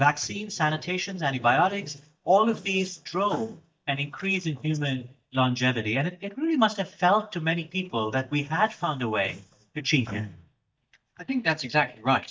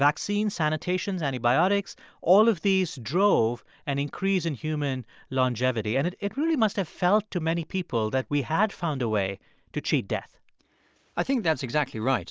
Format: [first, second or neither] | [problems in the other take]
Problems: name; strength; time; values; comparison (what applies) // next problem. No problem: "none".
second | noise reduction (neural mask model DeepFilterNet 3)